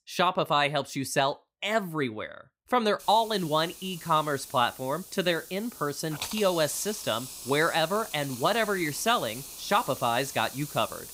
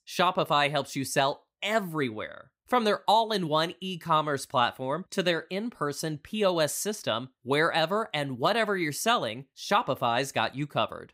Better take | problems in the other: second | hiss; noticeable; from 3 s on; 10 dB below the speech

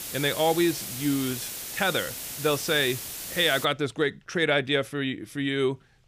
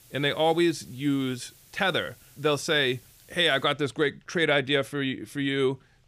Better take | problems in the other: second | hiss; loud; until 3.5 s; 7 dB below the speech; faint in the second

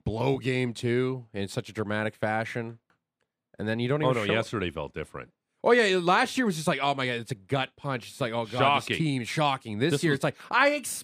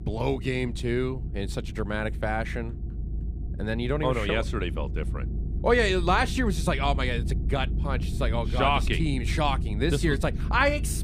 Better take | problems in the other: first | low rumble; noticeable; throughout; 20 dB below the speech

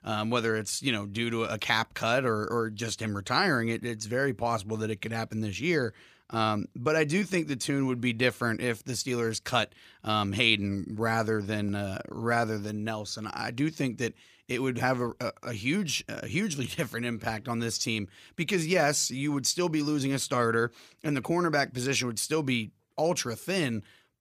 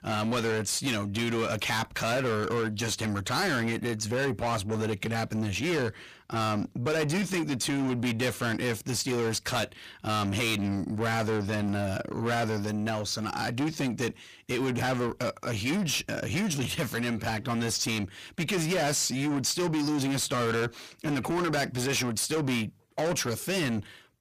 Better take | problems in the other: first | distortion; heavy; 6 dB below the speech

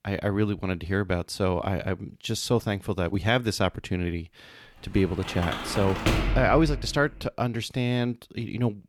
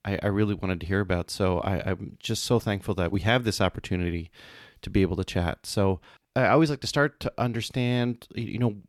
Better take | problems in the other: second | door banging; loud; from 5.5 to 7 s; peak 2 dB above the speech

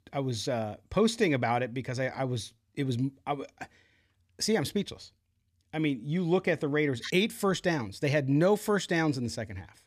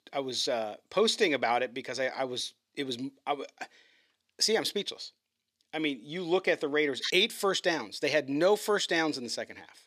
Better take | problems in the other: first | thin; somewhat; fading below 400 Hz

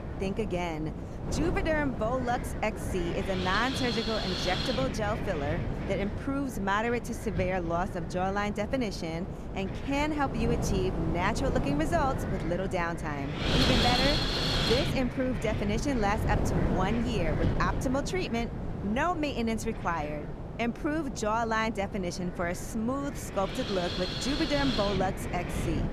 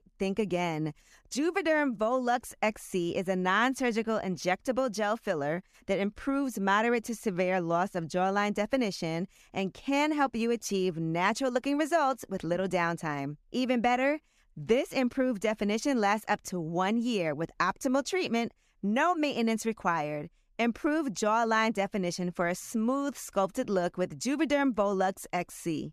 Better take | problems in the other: second | wind noise on the microphone; heavy; 4 dB below the speech

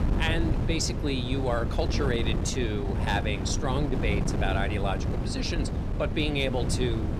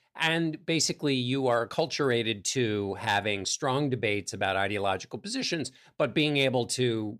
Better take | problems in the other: second | wind noise on the microphone; heavy; 7 dB below the speech

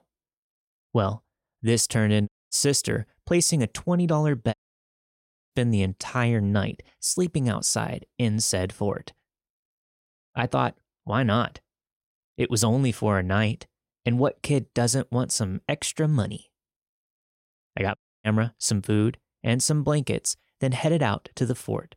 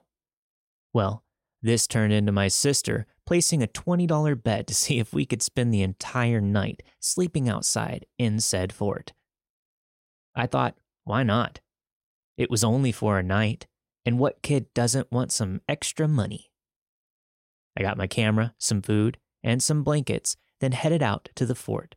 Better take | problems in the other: second | audio cutting out; at 2.5 s, at 4.5 s for 1 s and at 18 s

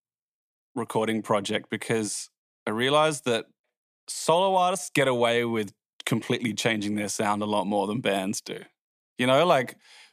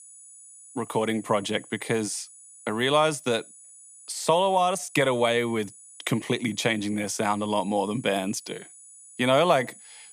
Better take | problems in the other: first | high-pitched whine; faint; throughout; 10 kHz, 20 dB below the speech

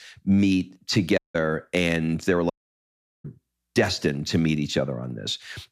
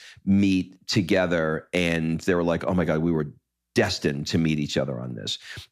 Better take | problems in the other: second | audio cutting out; at 1 s and at 2.5 s for 0.5 s

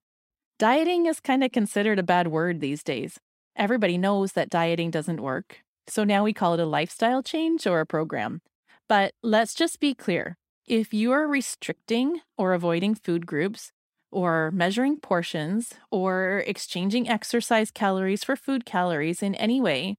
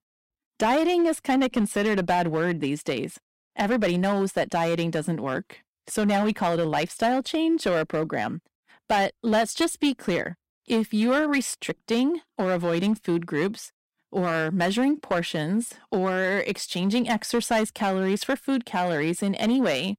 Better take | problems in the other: first | distortion; slight; 6% of the sound clipped

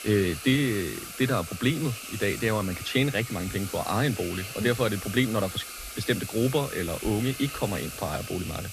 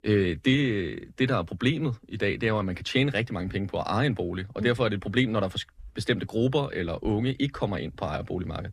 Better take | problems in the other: second | hiss; loud; throughout; 9 dB below the speech

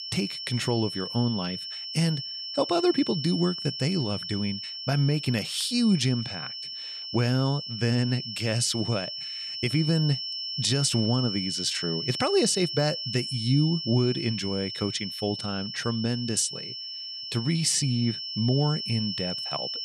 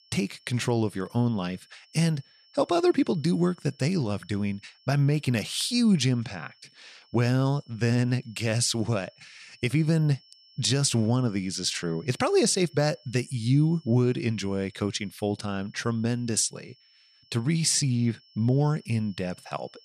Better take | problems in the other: second | high-pitched whine; loud; throughout; 5.5 kHz, 5 dB below the speech; faint in the second

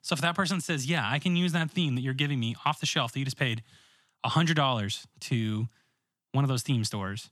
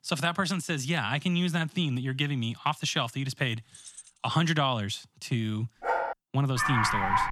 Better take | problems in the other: first | jangling keys; faint; at 3.5 s; peak 15 dB below the speech // dog barking; noticeable; at 6 s; peak 1 dB below the speech // dog barking; loud; at 6.5 s; peak 3 dB above the speech

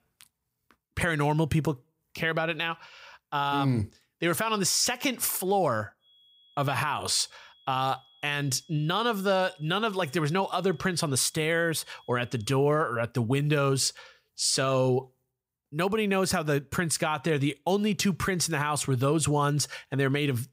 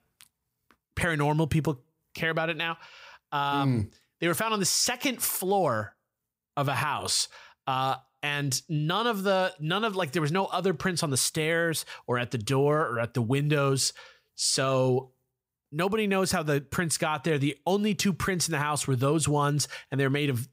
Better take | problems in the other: second | high-pitched whine; faint; from 6 to 13 s; 3.5 kHz, 30 dB below the speech

